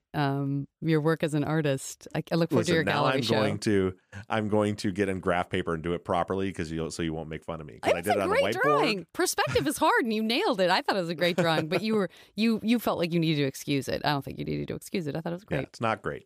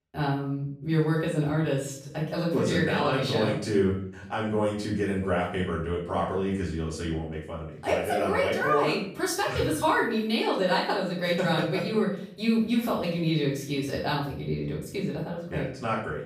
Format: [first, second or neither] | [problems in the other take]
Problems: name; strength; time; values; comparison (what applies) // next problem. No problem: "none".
first | room echo; noticeable; dies away in 0.5 s // off-mic speech; far